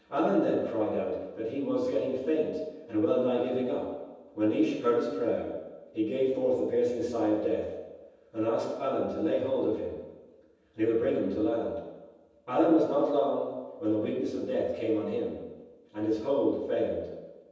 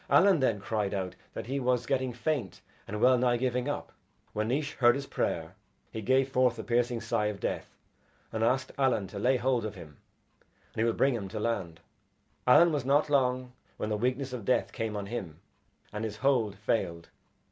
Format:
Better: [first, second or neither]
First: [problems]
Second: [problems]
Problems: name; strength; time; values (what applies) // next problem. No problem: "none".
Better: second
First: room echo; dies away in 1.1 s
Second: none